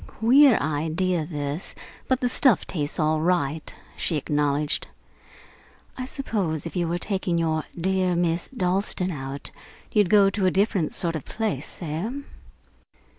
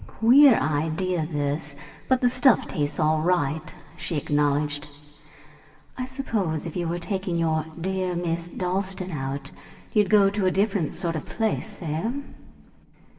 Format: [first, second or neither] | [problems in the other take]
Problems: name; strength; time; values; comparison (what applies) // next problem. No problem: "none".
first | room echo; dies away in 3 s